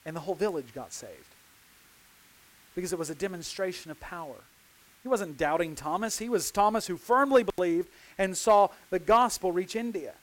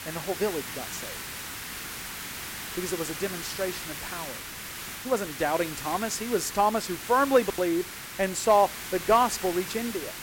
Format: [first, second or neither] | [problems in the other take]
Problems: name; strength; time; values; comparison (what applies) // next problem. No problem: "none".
first | hiss; loud; throughout; 8 dB below the speech; faint in the first